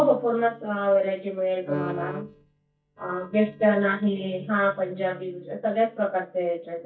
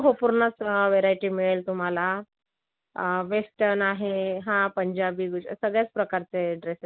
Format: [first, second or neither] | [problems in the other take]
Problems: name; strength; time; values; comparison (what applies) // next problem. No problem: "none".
second | noise reduction (neural mask model DeepFilterNet 3)